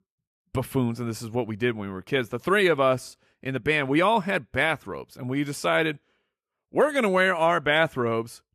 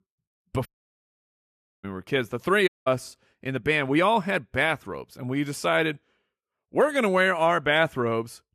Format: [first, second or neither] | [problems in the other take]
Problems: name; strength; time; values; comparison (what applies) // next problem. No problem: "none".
first | audio cutting out; at 0.5 s for 1 s and at 2.5 s